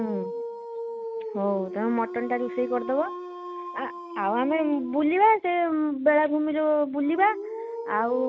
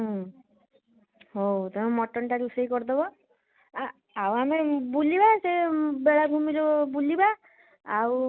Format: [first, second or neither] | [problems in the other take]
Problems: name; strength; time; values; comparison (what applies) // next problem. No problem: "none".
second | background sound (Dog); 10 dB below the speech